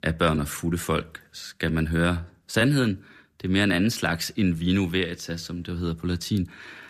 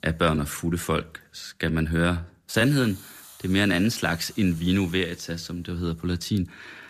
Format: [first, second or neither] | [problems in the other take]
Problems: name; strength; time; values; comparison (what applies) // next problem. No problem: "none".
first | hiss; faint; throughout; 20 dB below the speech